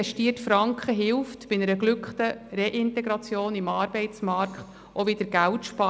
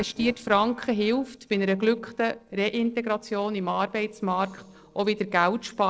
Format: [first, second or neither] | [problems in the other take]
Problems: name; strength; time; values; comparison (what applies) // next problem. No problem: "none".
first | noise reduction (neural separator model SepFormer DNS4)